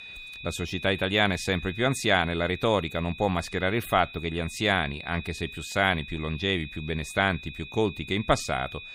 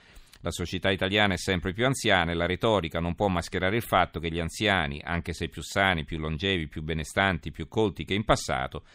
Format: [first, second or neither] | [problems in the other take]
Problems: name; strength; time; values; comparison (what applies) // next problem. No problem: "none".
second | high-pitched whine; noticeable; throughout; 2.5 kHz, 15 dB below the speech